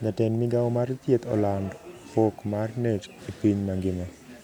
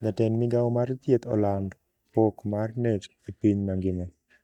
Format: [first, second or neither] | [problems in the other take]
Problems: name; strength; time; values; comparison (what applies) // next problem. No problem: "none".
first | noise reduction (neural mask model DeepFilterNet 3)